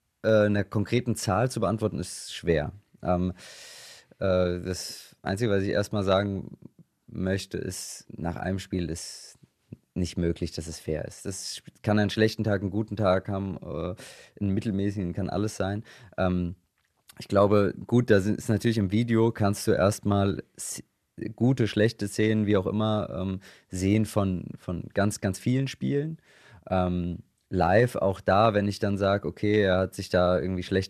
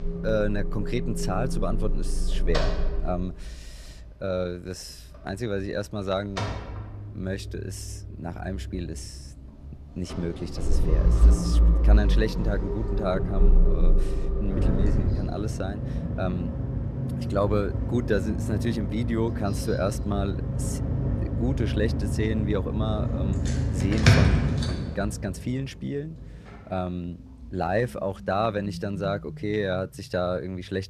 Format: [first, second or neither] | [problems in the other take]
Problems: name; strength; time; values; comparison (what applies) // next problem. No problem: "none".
first | traffic noise; very loud; throughout; 3 dB above the speech